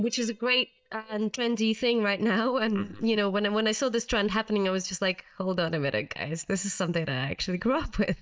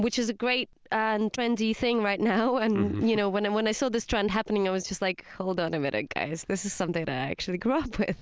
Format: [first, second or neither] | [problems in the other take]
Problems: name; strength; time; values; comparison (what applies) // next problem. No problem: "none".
second | noise reduction (neural mask model DeepFilterNet 3)